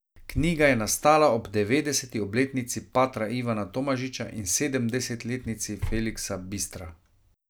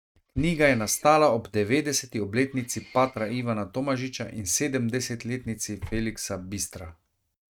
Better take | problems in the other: first | noise reduction (neural mask model RNNoise)

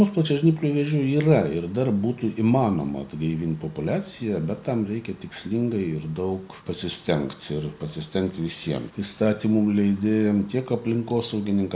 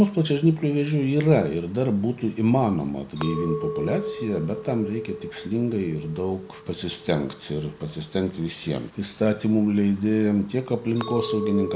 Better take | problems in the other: first | background sound (Chink, clink); 12 dB below the speech

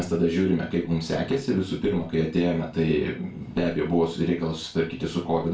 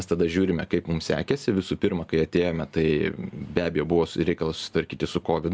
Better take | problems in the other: second | room echo; dies away in 0.3 s

